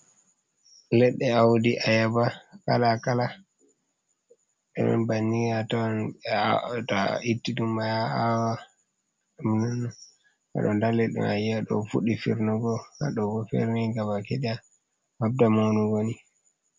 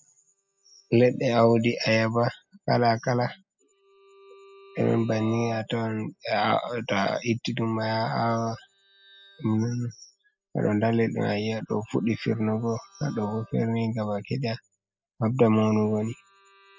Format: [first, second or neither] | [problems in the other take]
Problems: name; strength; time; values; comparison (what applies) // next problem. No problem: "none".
first | noise reduction (classical method spectral subtraction)